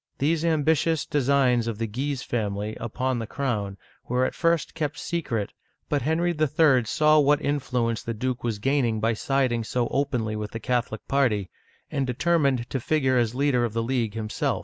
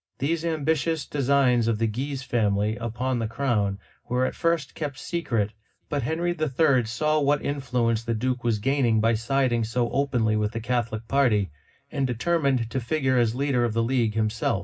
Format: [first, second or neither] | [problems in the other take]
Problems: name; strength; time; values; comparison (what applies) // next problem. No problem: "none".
first | room echo; dies away in 0.4 s